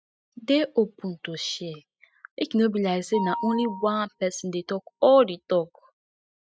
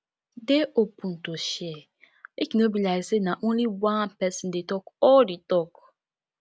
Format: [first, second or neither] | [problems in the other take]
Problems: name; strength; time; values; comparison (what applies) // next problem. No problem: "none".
second | noise reduction (classical method spectral subtraction)